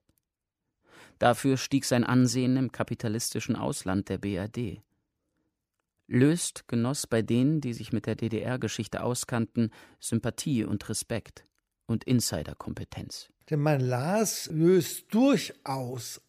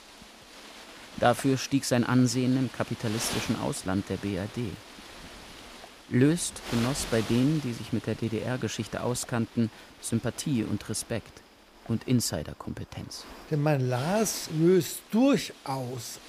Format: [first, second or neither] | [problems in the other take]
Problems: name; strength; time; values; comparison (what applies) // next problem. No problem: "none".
first | wind noise on the microphone; occasional gusts; 10 dB below the speech